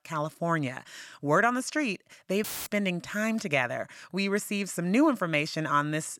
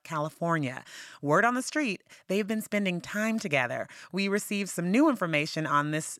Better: second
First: audio cutting out; filled with static; at 2.5 s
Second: none

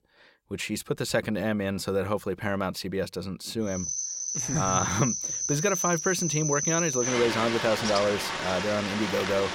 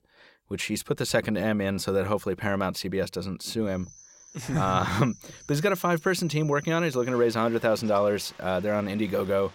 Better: second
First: animal sounds; loud; from 4 s on; 1 dB below the speech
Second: animal sounds; faint; from 4 s on; 20 dB below the speech

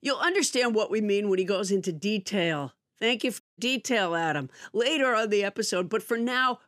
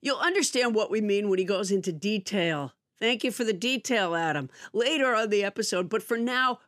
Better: second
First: audio cutting out; at 3.5 s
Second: none

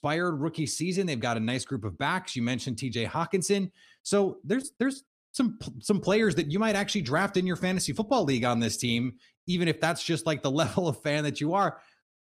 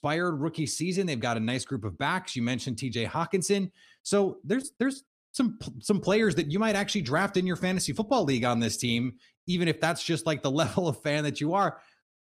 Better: neither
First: none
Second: none

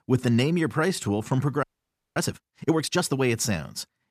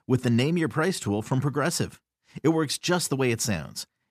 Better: second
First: audio freezing; at 1.5 s for 0.5 s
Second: none

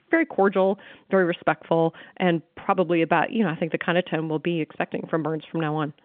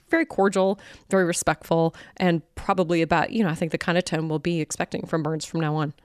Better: second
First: phone-call audio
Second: none

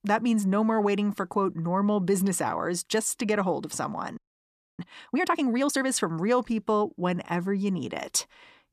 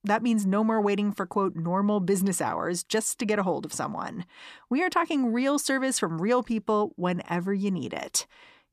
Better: second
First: audio freezing; at 4 s for 0.5 s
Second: none

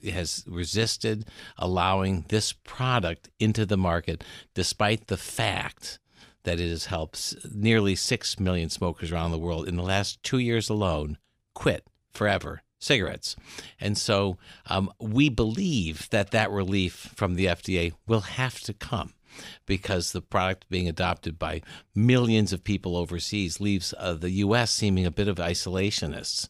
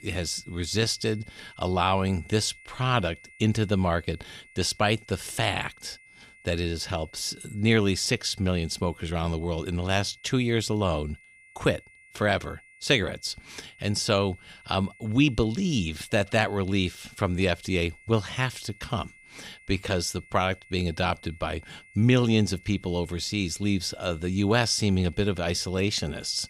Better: first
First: none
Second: high-pitched whine; faint; throughout; 2 kHz, 25 dB below the speech

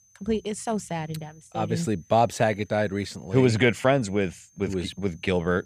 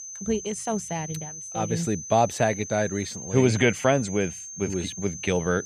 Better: first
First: high-pitched whine; faint; throughout; 6 kHz, 30 dB below the speech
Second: high-pitched whine; loud; throughout; 6 kHz, 10 dB below the speech

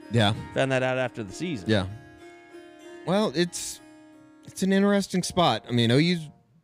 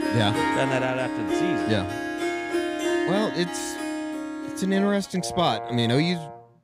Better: first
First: background music; faint; throughout; 25 dB below the speech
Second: background music; loud; throughout; 3 dB below the speech

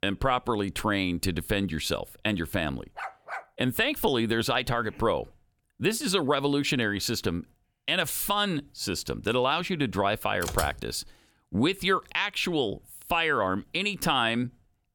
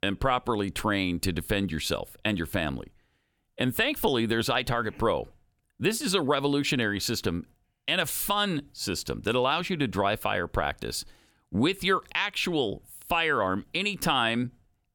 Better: second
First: dog barking; noticeable; at 3 s; peak 9 dB below the speech // keyboard typing; noticeable; at 10 s; peak 5 dB below the speech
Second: none

